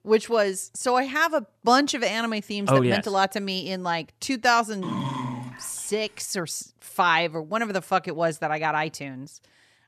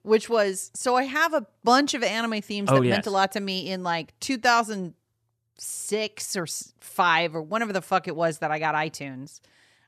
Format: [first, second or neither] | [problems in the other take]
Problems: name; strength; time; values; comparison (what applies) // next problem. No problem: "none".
second | dog barking; noticeable; at 5 s; peak 5 dB below the speech